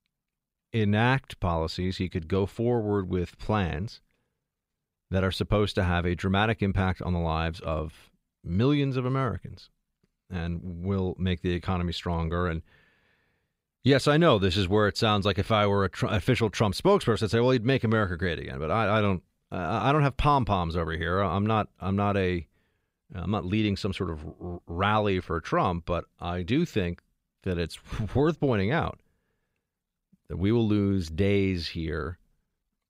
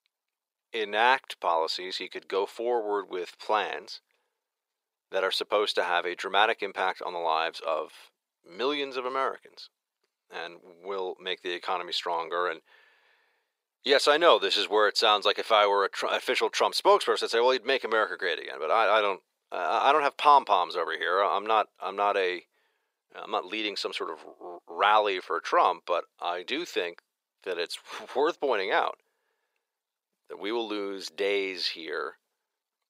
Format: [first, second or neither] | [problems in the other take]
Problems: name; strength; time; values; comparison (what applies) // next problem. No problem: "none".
first | thin; very; fading below 450 Hz